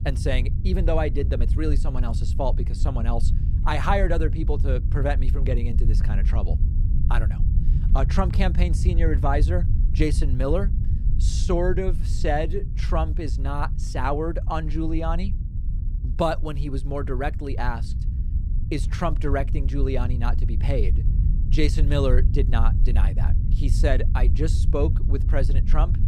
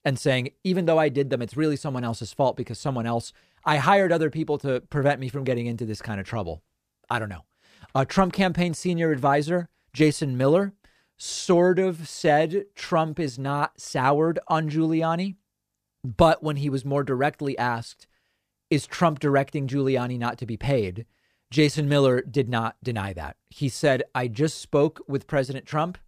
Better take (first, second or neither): second